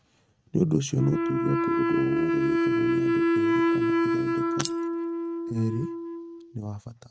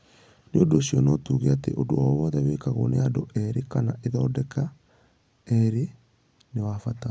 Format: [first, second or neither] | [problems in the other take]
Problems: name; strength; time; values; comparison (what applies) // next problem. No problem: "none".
second | noise reduction (neural mask model RNNoise)